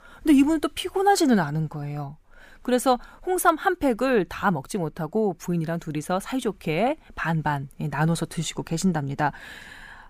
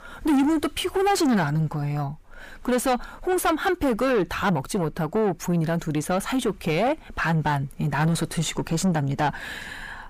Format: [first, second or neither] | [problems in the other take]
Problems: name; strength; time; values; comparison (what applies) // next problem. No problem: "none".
first | distortion; heavy; 7 dB below the speech